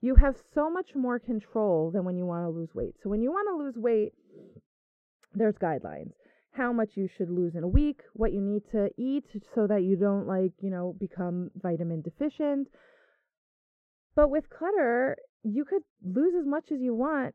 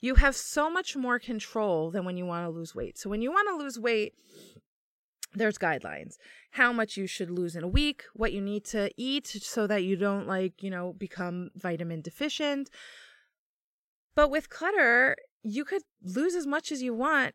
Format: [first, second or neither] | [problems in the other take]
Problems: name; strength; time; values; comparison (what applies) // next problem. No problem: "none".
second | muffled; very; fading above 2 kHz